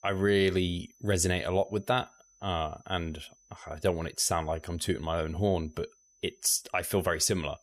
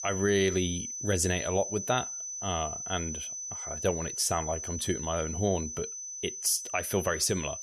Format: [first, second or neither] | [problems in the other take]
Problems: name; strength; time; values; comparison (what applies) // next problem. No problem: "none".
first | high-pitched whine; loud; throughout; 6 kHz, 5 dB below the speech; faint in the first